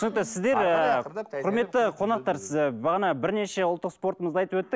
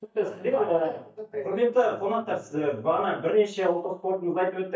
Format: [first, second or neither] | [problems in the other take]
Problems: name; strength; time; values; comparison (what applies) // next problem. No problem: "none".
first | noise reduction (neural mask model DeepFilterNet 3)